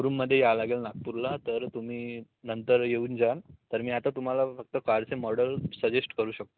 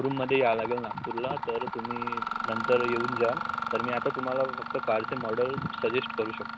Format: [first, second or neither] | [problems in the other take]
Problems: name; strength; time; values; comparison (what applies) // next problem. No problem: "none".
first | background sound (Mechanisms); 4 dB below the speech